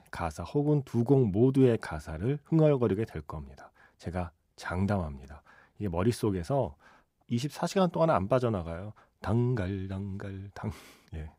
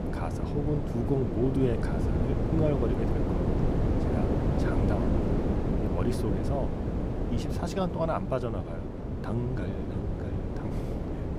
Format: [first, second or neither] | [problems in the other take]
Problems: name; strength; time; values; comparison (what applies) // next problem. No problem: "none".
first | wind noise on the microphone; heavy; 1 dB below the speech